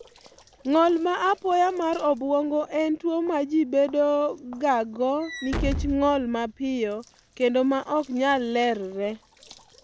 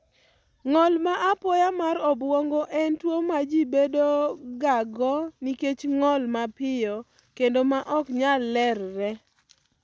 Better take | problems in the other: second | background sound (Walk, footsteps / Slam); 15 dB below the speech

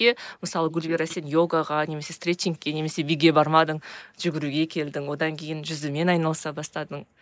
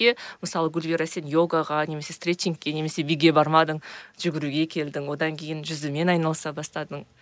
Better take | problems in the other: second | noise reduction (neural mask model Resemble Enhance denoiser)

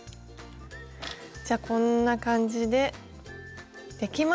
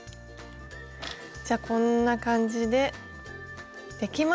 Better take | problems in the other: first | background sound (Wind instrument, woodwind instrument); 19 dB below the speech

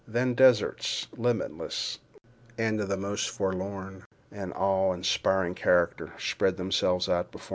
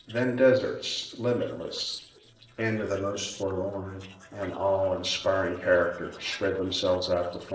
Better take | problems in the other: first | noise reduction (neural separator model SepFormer DNS4)

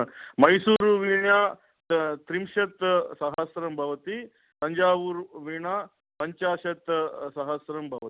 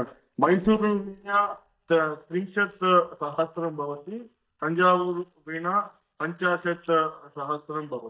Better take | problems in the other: first | noise reduction (neural mask model DeepFilterNet 3)

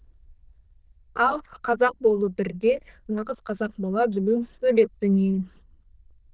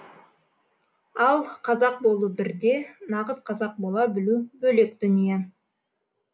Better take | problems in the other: second | noise reduction (neural diffusion model UNIVERSE++)

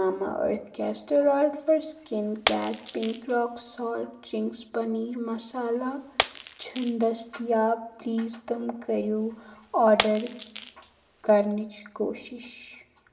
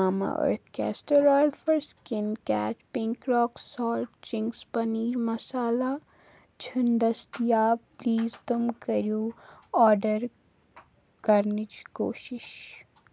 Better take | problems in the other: second | background sound (Shatter); 10 dB below the speech // room echo; dies away in 0.6 s

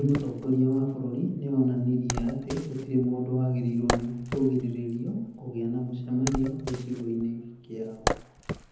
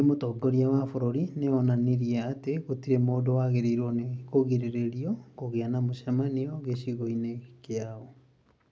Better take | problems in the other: second | background sound (Wood); 9 dB below the speech // room echo; dies away in 0.8 s

